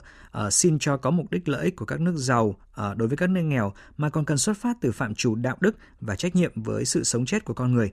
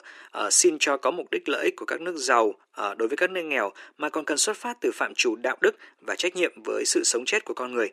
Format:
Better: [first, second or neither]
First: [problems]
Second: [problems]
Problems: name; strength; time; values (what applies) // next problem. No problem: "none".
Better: first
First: none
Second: thin; very; fading below 350 Hz